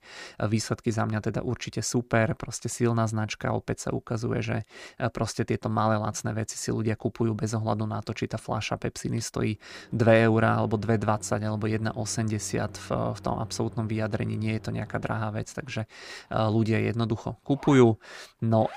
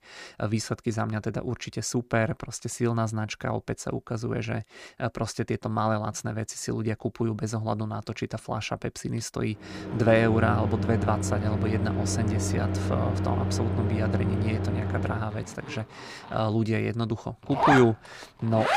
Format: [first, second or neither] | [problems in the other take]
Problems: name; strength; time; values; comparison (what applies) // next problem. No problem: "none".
first | household noises; loud; from 10 s on; as loud as the speech; faint in the first